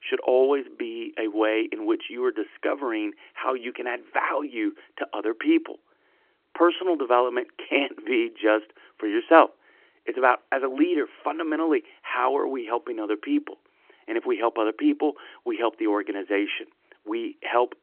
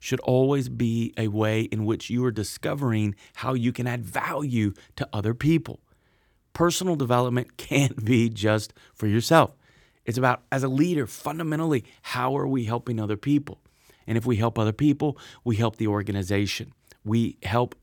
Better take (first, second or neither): second